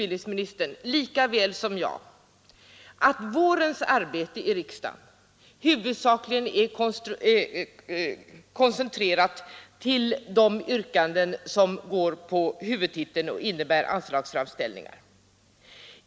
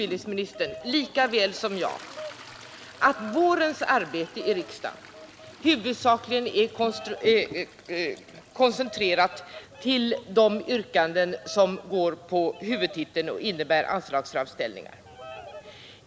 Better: first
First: none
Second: background sound (Toilet flush + Bird vocalization, bird call, bird song); 17 dB below the speech

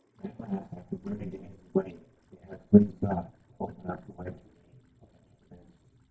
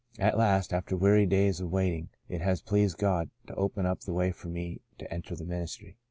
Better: second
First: noise reduction (neural mask model DeepFilterNet 3)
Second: none

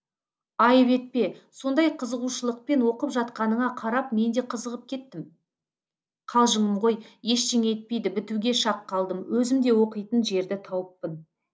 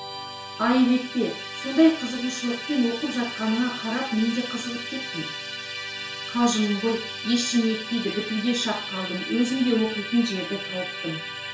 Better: first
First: none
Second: background sound (Musical instrument); 8 dB below the speech // room echo; dies away in 0.4 s

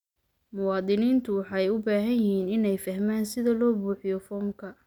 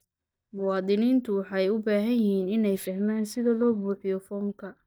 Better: first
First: none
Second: noise reduction (neural mask model DeepFilterNet 3)

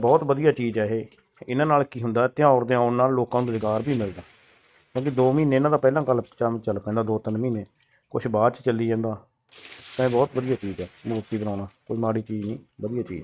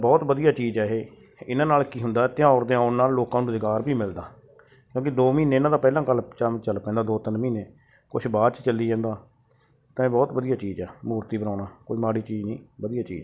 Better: second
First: noise reduction (neural mask model RNNoise)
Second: none

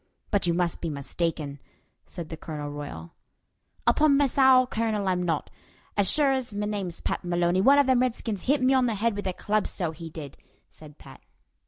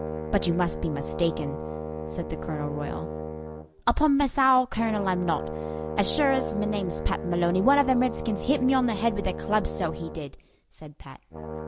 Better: first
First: none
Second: background sound (Brass instrument); 7 dB below the speech

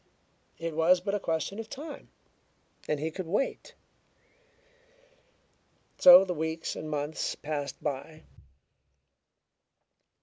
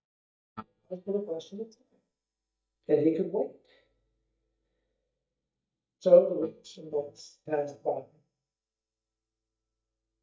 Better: first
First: none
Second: noise reduction (neural mask model DeepFilterNet 3)

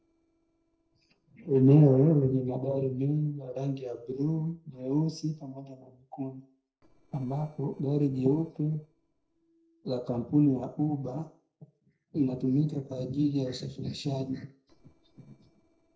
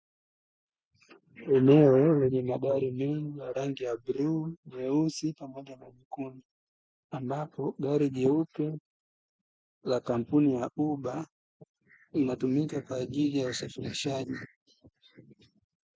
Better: second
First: noise reduction (neural separator model SepFormer DNS4)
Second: none

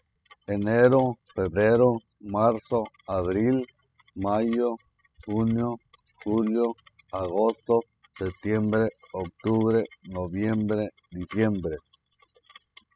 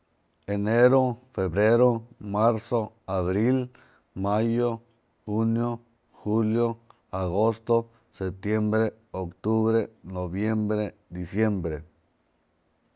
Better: second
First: noise reduction (classical method spectral subtraction)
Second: none

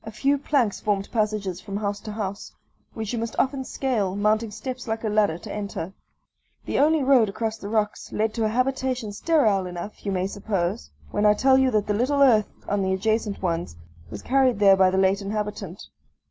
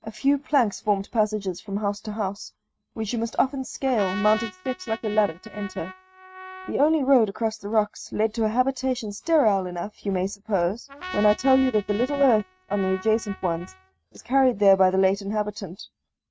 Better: first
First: none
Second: noise reduction (neural mask model RNNoise)

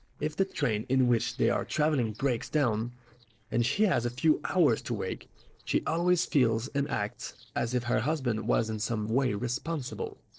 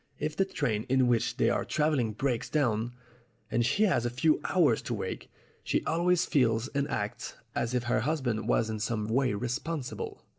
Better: second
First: noise reduction (neural separator model SepFormer DNS4)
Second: none

